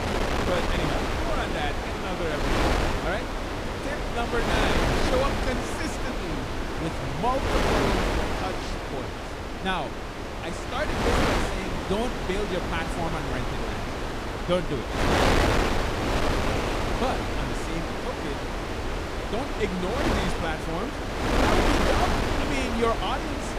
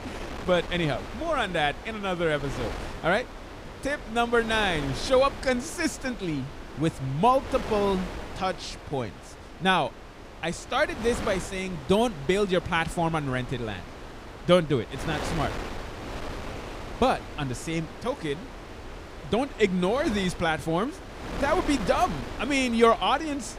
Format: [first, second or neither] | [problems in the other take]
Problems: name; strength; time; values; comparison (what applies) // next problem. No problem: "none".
second | wind noise on the microphone; heavy; 3 dB above the speech; occasional gusts in the second